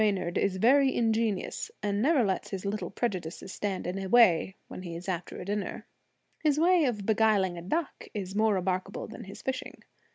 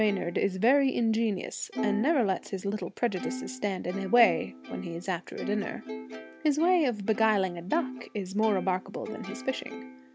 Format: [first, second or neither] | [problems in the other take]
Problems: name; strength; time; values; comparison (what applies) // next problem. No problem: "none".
first | background sound (Plucked string instrument); 11 dB below the speech